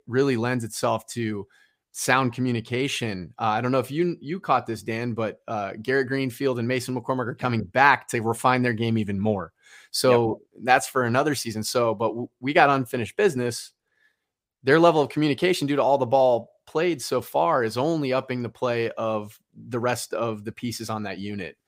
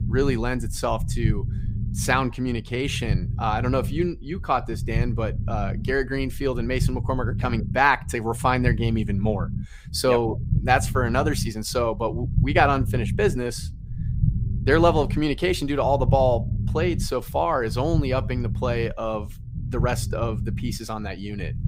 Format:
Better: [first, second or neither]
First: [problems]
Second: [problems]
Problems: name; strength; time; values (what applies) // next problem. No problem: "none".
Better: first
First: none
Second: low rumble; noticeable; throughout; 15 dB below the speech